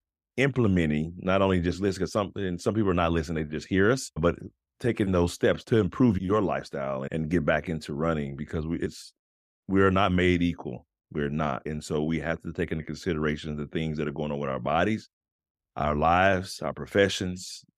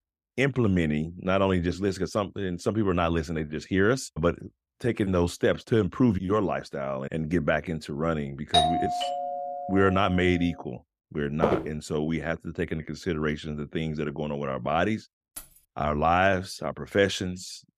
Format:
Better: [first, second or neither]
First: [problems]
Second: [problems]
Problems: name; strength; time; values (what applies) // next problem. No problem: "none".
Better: first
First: none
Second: doorbell; loud; from 8.5 to 10 s; peak 4 dB above the speech // footsteps; noticeable; at 11 s; peak 1 dB below the speech // jangling keys; faint; at 15 s; peak 15 dB below the speech